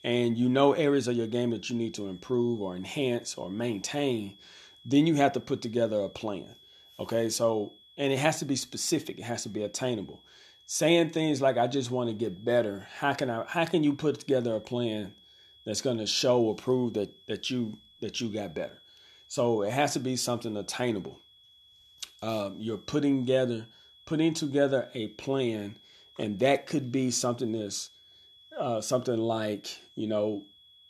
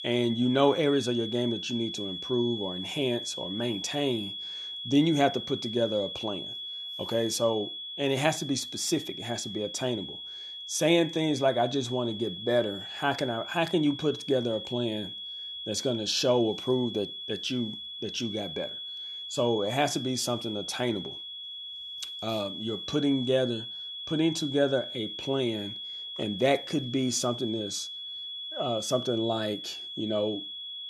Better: first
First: high-pitched whine; faint; throughout; 3.5 kHz, 25 dB below the speech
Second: high-pitched whine; loud; throughout; 3.5 kHz, 7 dB below the speech

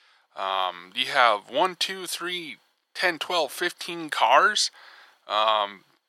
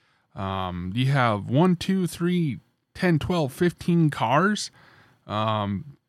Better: second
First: thin; very; fading below 550 Hz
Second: none

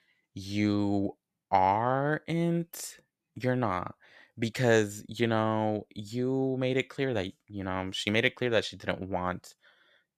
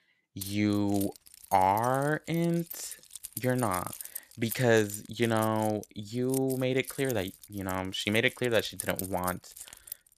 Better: first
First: none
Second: jangling keys; noticeable; peak 7 dB below the speech

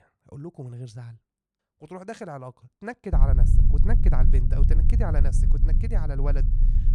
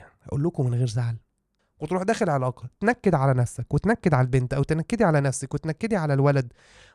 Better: second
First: low rumble; loud; from 3 s on; 4 dB below the speech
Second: none

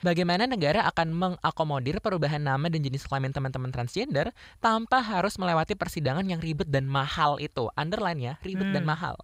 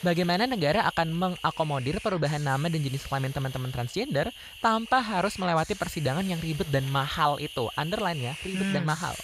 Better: first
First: none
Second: hiss; noticeable; throughout; 10 dB below the speech

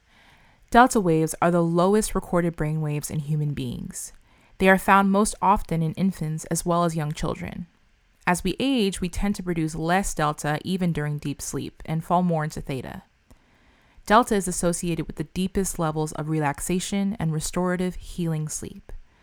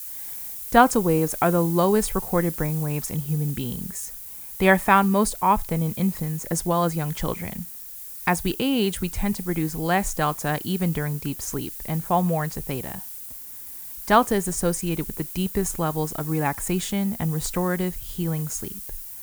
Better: first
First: none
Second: hiss; loud; throughout; 8 dB below the speech

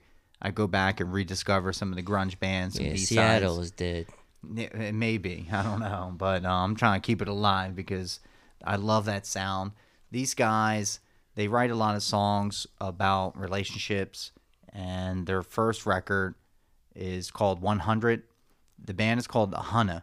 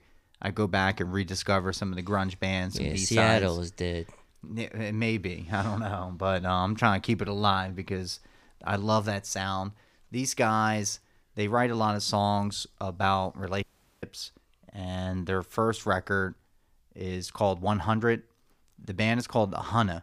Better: first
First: none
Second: audio cutting out; at 14 s

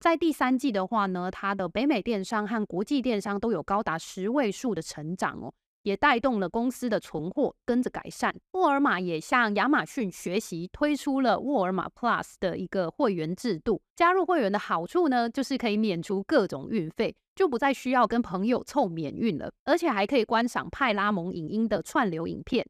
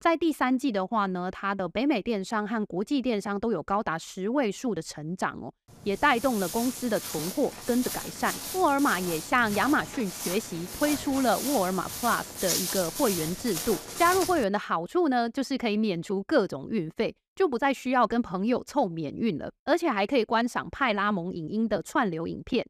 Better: first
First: none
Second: footsteps; loud; from 6 to 14 s; peak 1 dB above the speech

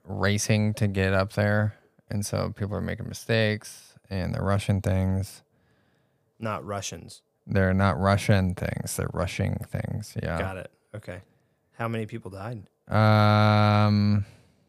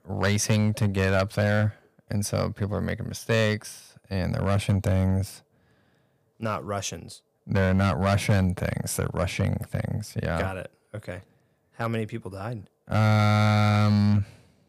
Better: first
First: none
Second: distortion; slight; 3% of the sound clipped

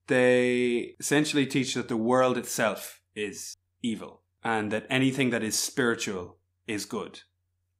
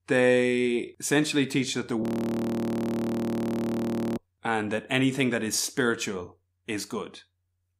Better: first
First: none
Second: audio freezing; at 2 s for 2 s

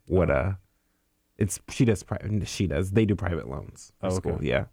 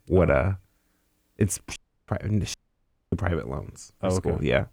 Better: first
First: none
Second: audio cutting out; at 2 s and at 2.5 s for 0.5 s

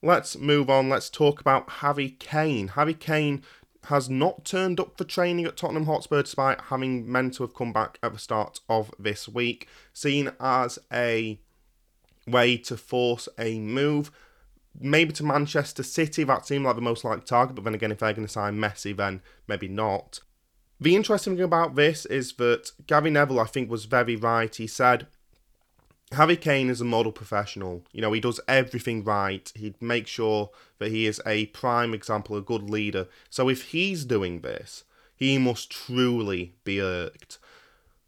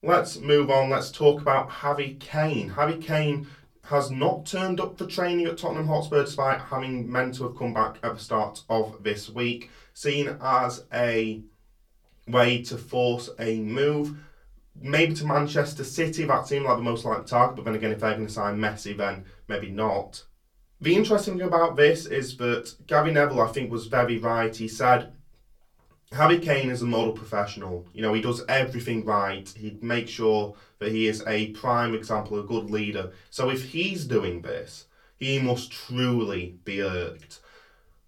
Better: first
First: none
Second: off-mic speech; far // room echo; very slight; dies away in 0.2 s

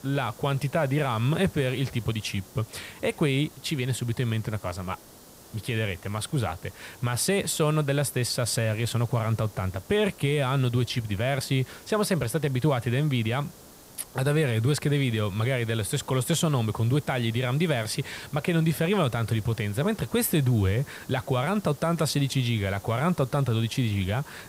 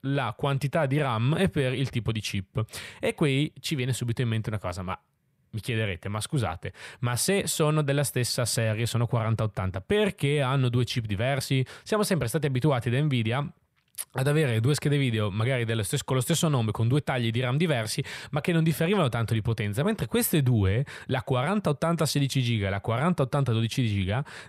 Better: second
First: hiss; faint; throughout; 20 dB below the speech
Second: none

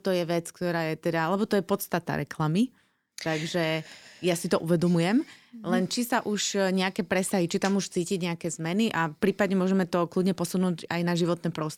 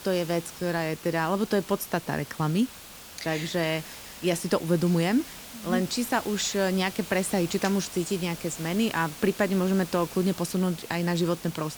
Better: first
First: none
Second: hiss; noticeable; throughout; 15 dB below the speech

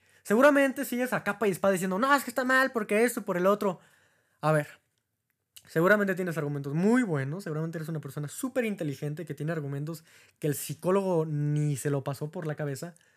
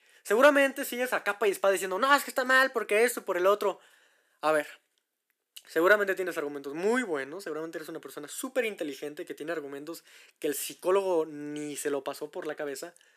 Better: first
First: none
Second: thin; somewhat; fading below 350 Hz

